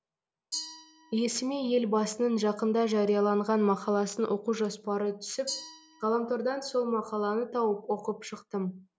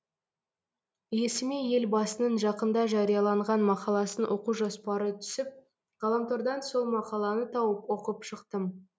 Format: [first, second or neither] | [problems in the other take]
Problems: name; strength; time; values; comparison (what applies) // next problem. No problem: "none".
second | background sound (Glass); 19 dB below the speech